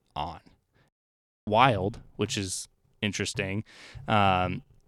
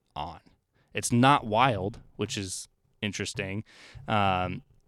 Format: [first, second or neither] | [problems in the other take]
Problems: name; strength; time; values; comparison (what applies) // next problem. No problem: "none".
second | audio cutting out; at 1 s for 0.5 s